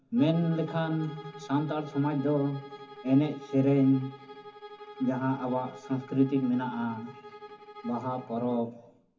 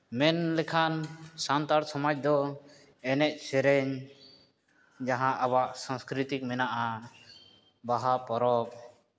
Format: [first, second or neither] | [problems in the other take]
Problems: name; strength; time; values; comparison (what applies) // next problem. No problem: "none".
second | background sound (Bowed string instrument); 17 dB below the speech // room echo; dies away in 0.3 s